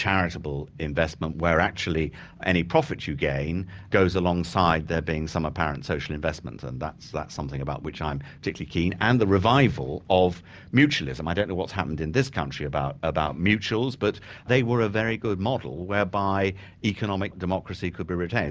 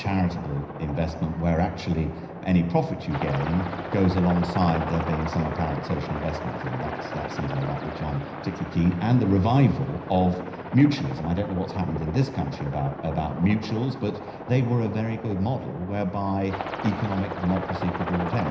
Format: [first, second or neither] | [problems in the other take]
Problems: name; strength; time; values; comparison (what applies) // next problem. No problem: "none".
first | background sound (Aircraft); 9 dB below the speech // room echo; dies away in 0.9 s